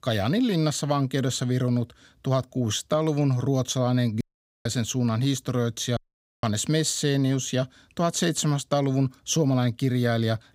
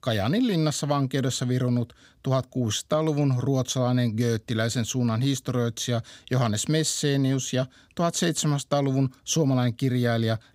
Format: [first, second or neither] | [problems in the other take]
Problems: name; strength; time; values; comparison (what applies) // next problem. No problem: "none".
second | audio cutting out; at 4 s and at 6 s